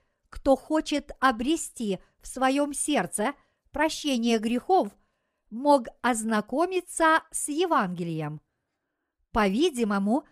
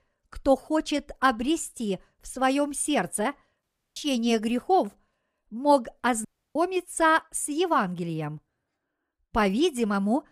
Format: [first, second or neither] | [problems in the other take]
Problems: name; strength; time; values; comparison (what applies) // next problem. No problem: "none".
first | audio cutting out; at 3.5 s and at 6.5 s